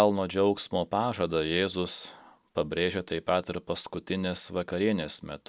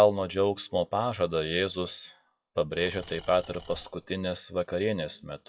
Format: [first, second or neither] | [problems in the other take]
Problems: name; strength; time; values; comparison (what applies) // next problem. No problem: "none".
first | noise reduction (classical method WPE with log-MMSE)